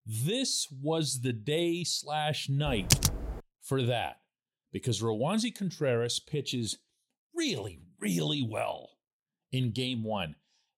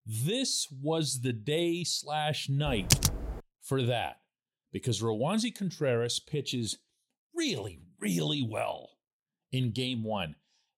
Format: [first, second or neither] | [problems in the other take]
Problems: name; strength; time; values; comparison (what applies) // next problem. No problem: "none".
neither | keyboard typing; loud; at 2.5 s; peak 6 dB above the speech; the same in both